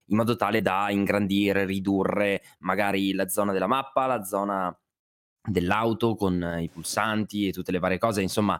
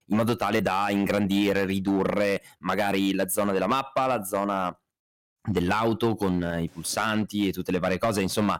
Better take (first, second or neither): first